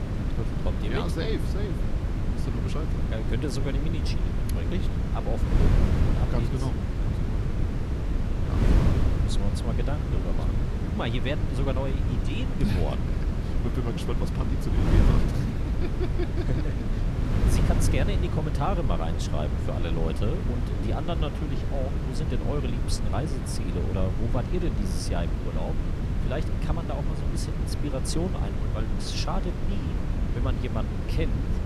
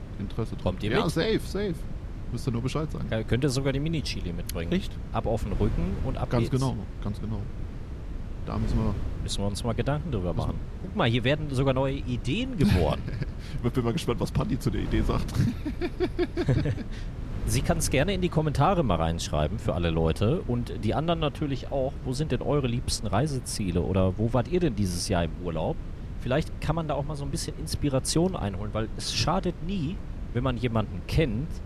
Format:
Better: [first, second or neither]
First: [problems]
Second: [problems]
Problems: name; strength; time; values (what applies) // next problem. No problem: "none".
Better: second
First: wind noise on the microphone; heavy; 2 dB below the speech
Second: wind noise on the microphone; occasional gusts; 15 dB below the speech